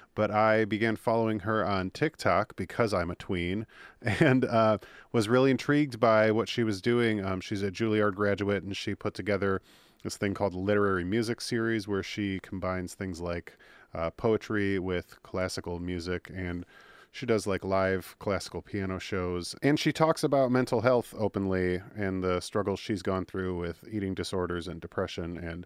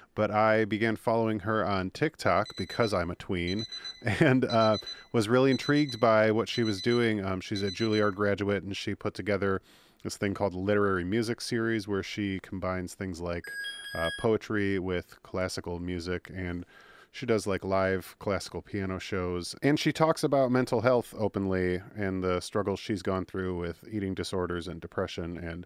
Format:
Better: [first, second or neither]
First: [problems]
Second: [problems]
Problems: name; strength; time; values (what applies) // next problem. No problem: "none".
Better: first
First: none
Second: alarm; noticeable; from 2.5 to 8 s and at 13 s; peak 6 dB below the speech